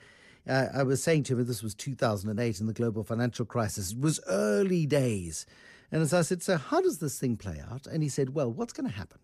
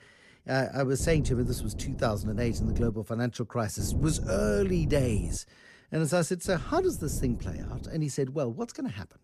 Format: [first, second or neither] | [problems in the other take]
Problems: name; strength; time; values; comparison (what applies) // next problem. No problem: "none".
first | wind noise on the microphone; occasional gusts; from 1 to 3 s, from 4 to 5.5 s and from 6.5 to 8 s; 15 dB below the speech